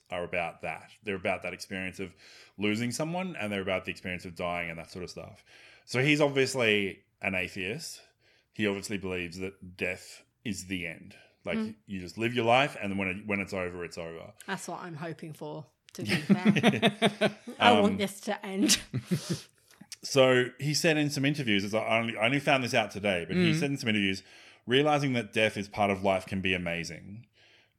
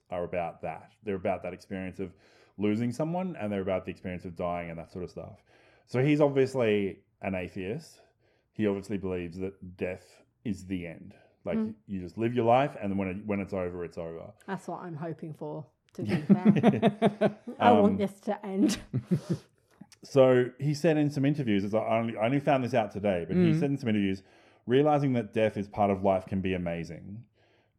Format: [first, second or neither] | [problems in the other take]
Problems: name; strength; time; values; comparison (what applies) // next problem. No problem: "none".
first | muffled; slightly; fading above 1.5 kHz